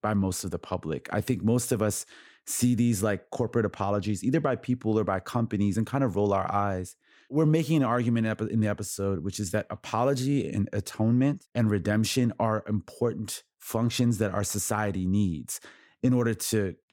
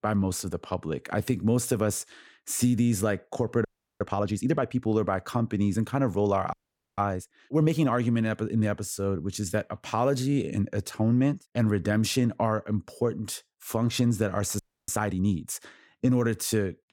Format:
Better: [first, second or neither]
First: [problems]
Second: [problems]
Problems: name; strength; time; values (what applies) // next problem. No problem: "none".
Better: first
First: none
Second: audio freezing; at 3.5 s, at 6.5 s and at 15 s